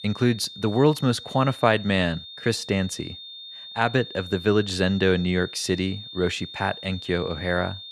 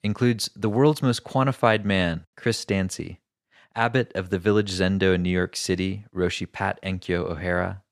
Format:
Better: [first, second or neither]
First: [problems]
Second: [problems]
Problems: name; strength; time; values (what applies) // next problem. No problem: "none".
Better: second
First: high-pitched whine; noticeable; throughout; 3.5 kHz, 15 dB below the speech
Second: none